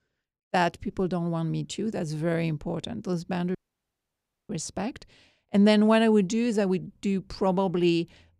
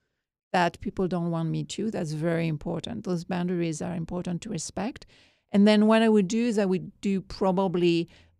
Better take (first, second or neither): second